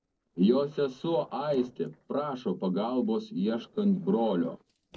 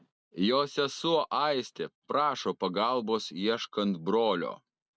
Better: second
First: noise reduction (neural separator model SepFormer DNS4)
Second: none

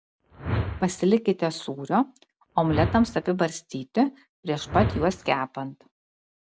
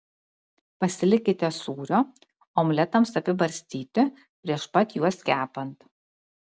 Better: second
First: background sound (Whoosh, swoosh, swish); 7 dB below the speech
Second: none

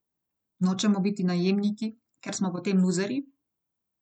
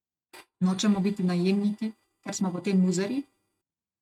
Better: first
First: none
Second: noise reduction (neural mask model RNNoise)

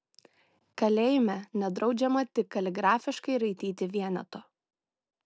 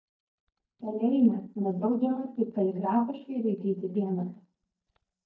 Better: first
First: none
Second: noise reduction (neural mask model DeepFilterNet 3)

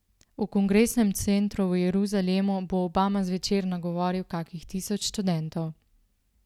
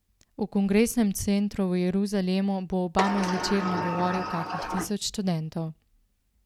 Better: first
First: none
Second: background sound (Sliding door); 4 dB below the speech

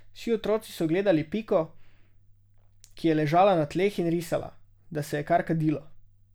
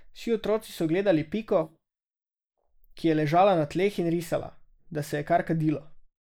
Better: first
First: none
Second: noise reduction (neural mask model Resemble Enhance denoiser)

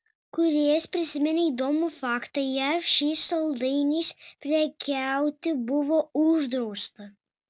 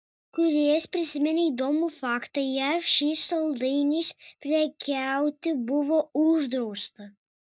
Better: first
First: none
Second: noise reduction (neural mask model DeepFilterNet 3)

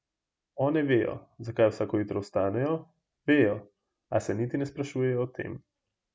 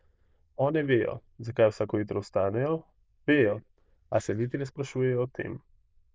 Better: first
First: none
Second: noise reduction (neural diffusion model UNIVERSE++)

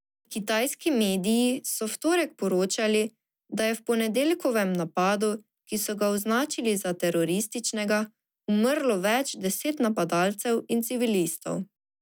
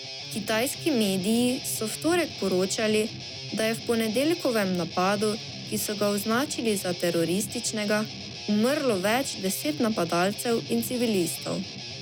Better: first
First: none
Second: background sound (Guitar); 11 dB below the speech

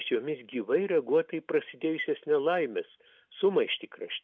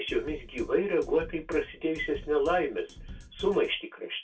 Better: first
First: none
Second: background sound (Drum kit); 16 dB below the speech // room echo; dies away in 0.2 s

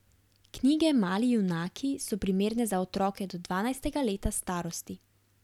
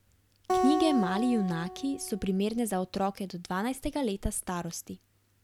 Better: first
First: none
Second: background sound (Acoustic guitar); 3 dB below the speech

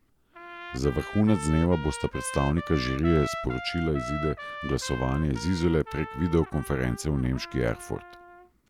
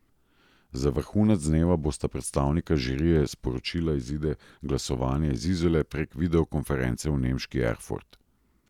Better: second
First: background sound (Trumpet); 12 dB below the speech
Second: none

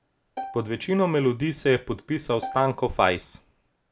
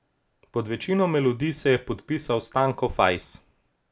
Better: second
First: background sound (Bowed string instrument); 14 dB below the speech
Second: none

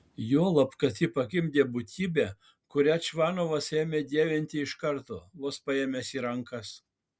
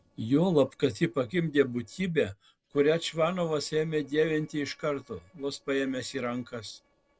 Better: first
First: none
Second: noise reduction (neural separator model SepFormer DNS4)

